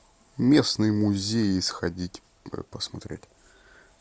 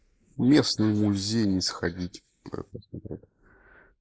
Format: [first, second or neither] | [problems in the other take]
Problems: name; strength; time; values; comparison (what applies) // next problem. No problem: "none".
first | noise reduction (neural mask model Resemble Enhance denoiser)